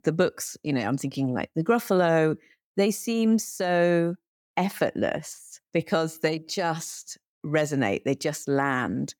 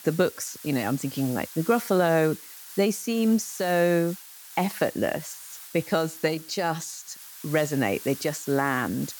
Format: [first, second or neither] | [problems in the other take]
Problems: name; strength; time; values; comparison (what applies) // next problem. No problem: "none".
first | hiss; noticeable; throughout; 15 dB below the speech